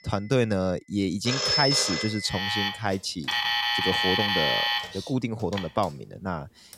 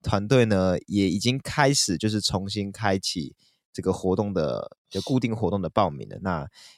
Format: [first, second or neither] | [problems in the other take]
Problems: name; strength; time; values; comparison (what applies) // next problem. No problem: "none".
second | alarms or sirens; very loud; throughout; 4 dB above the speech